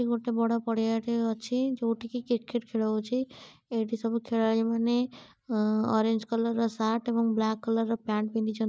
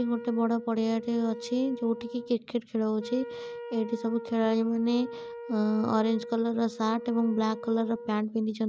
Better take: first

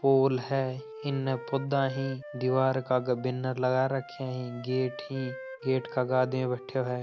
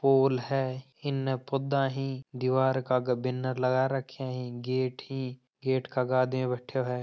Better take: second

